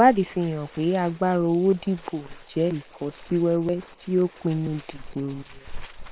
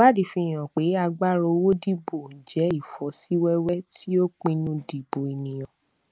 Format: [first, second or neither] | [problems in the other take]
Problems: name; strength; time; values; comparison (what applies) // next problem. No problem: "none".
second | noise reduction (neural separator model SepFormer WHAM!)